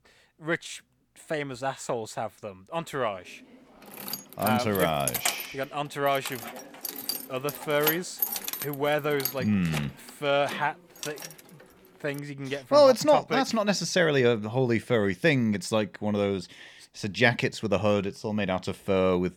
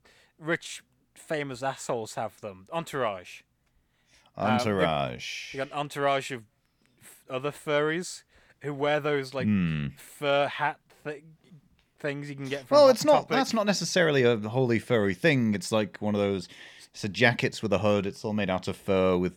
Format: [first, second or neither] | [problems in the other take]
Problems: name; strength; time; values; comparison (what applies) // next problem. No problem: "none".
second | jangling keys; loud; from 4 to 11 s; peak level with the speech